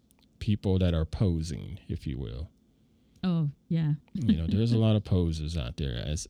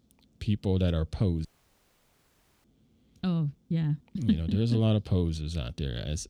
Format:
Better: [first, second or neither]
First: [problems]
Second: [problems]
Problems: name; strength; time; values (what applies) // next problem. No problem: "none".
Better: first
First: none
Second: audio cutting out; at 1.5 s for 1 s